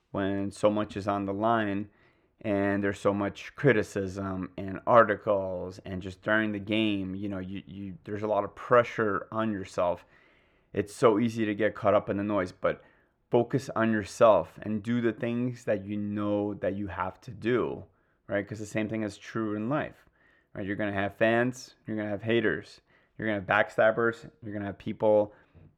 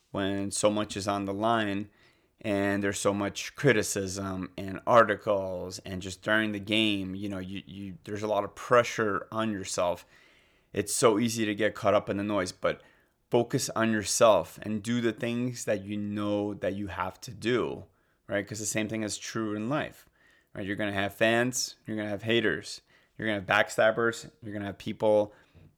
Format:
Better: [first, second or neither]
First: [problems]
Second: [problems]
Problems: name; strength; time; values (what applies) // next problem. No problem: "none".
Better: second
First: muffled; slightly; fading above 3.5 kHz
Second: none